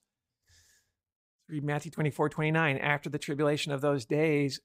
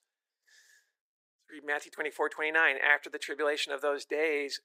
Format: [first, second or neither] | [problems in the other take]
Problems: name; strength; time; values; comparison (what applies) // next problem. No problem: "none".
first | thin; very; fading below 350 Hz